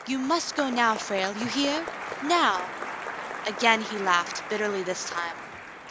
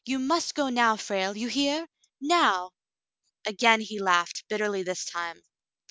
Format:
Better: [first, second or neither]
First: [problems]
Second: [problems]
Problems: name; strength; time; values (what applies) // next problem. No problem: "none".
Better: second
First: background sound (Applause); 8 dB below the speech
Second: none